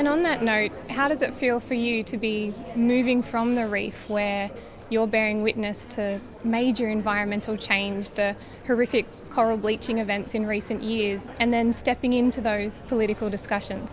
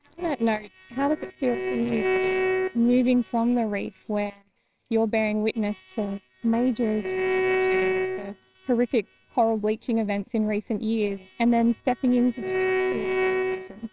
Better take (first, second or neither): first